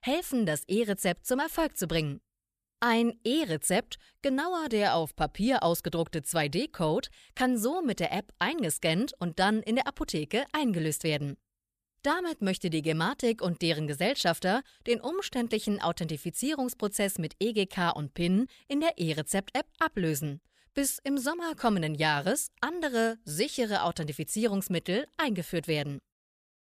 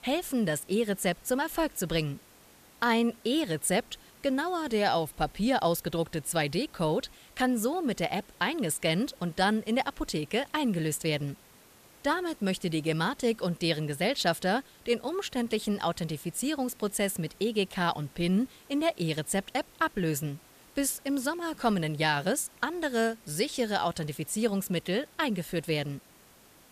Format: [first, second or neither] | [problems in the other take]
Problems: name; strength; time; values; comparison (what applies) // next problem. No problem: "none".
first | hiss; faint; throughout; 25 dB below the speech